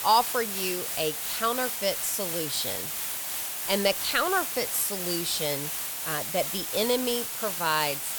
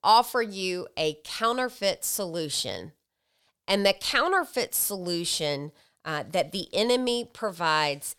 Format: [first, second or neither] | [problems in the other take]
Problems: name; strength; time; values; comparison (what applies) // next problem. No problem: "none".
second | hiss; loud; throughout; 1 dB below the speech